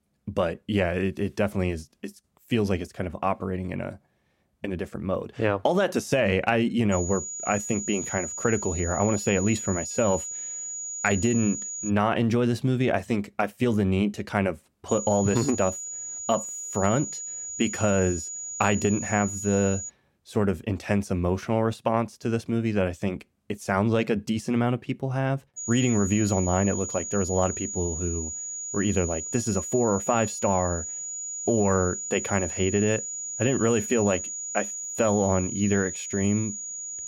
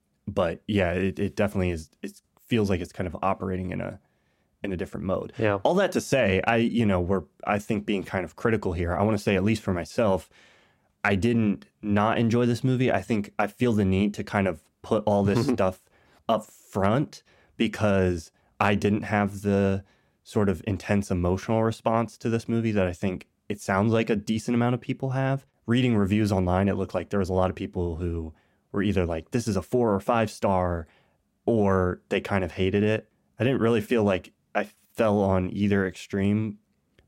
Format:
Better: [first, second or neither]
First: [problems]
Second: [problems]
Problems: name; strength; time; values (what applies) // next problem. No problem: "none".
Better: second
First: high-pitched whine; loud; from 7 to 12 s, from 15 to 20 s and from 26 s on; 7 kHz, 6 dB below the speech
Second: none